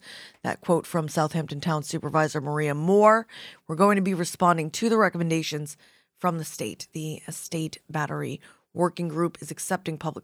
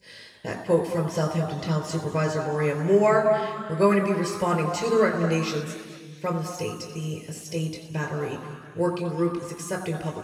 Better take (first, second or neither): first